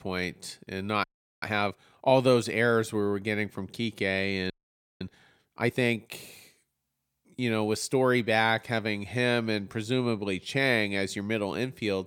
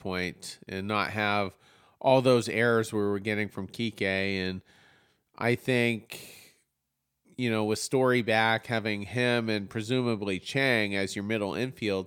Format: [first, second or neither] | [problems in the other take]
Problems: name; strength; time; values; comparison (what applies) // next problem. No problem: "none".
second | audio freezing; at 1 s and at 4.5 s for 0.5 s